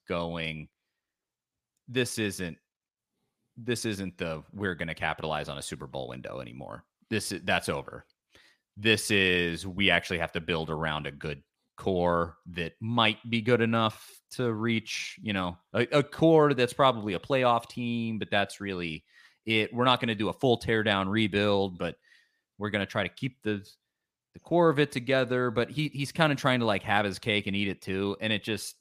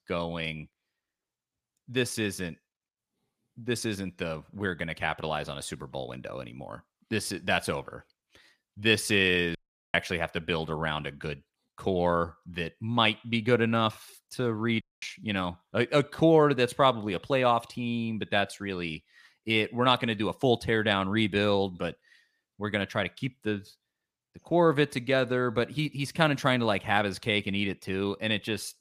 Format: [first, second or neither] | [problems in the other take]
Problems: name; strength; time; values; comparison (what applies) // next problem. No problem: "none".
first | audio cutting out; at 9.5 s and at 15 s